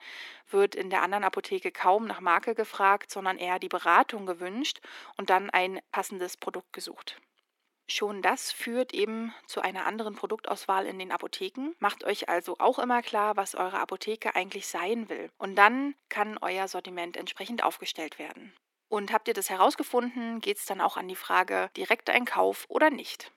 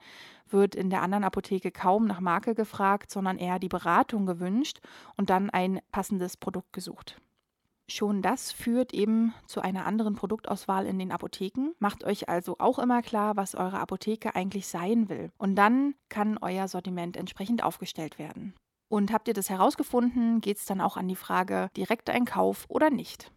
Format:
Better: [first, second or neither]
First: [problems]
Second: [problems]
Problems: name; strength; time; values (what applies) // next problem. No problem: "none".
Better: second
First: thin; somewhat; fading below 300 Hz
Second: none